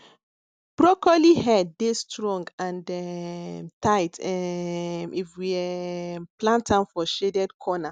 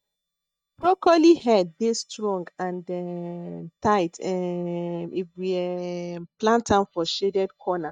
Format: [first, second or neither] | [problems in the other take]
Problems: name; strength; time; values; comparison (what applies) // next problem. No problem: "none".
first | noise reduction (neural mask model DeepFilterNet 3)